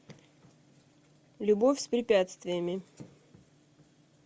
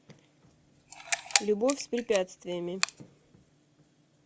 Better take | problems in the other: first | background sound (Camera); 1 dB below the speech

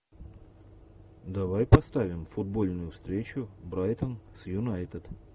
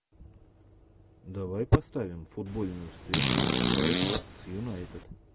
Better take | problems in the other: first | background sound (Fart); 4 dB above the speech

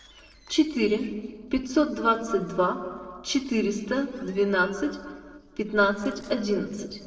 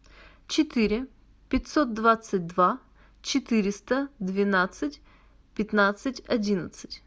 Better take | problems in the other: second | noise reduction (neural separator model SepFormer DNS4)

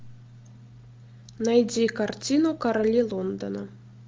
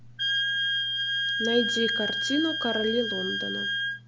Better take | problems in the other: first | background sound (Wind instrument, woodwind instrument); 2 dB above the speech

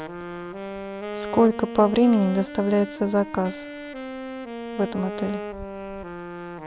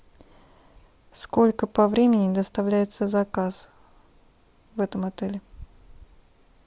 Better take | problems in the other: second | background sound (Wind instrument, woodwind instrument); 9 dB below the speech

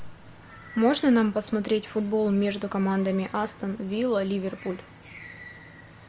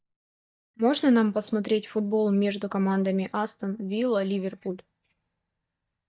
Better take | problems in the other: first | noise reduction (neural mask model DeepFilterNet 3)

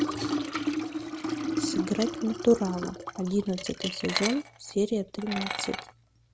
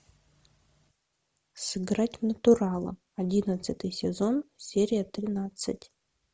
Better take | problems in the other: second | background sound (Liquid); 3 dB below the speech

